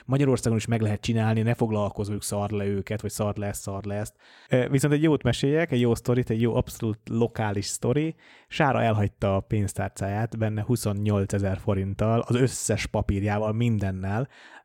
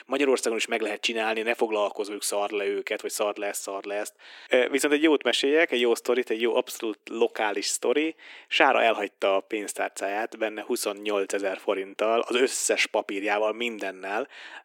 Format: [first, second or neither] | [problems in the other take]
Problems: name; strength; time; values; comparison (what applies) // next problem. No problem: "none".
first | thin; very; fading below 300 Hz